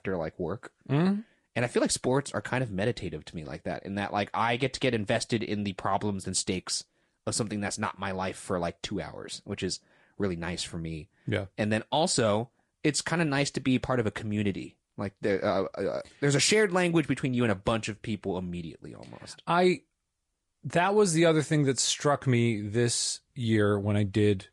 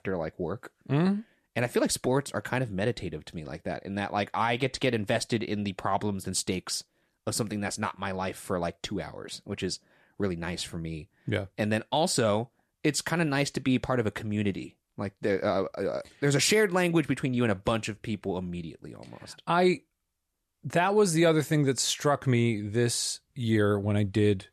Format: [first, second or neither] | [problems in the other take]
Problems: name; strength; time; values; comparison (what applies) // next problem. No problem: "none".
second | garbled, watery; slightly